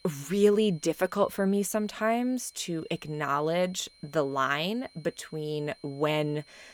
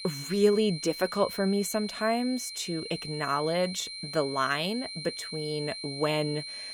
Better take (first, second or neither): first